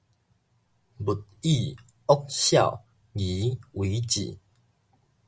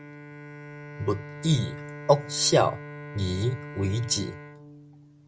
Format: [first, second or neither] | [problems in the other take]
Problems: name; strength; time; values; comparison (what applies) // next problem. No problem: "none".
first | background sound (Bowed string instrument); 13 dB below the speech